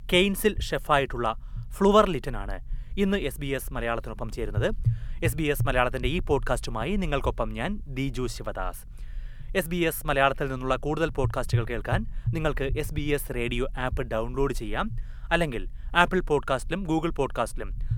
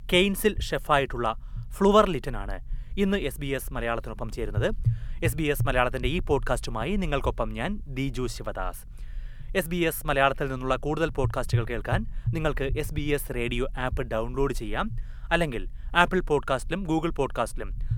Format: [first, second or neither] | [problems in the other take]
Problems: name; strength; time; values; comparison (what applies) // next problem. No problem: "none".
neither | low rumble; faint; throughout; 25 dB below the speech; the same in both